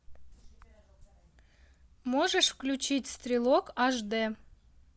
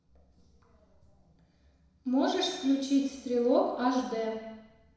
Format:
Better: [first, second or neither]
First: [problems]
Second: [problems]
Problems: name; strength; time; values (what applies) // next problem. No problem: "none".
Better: first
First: none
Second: room echo; dies away in 1 s